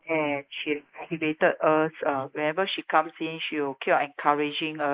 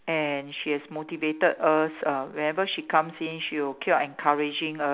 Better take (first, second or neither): second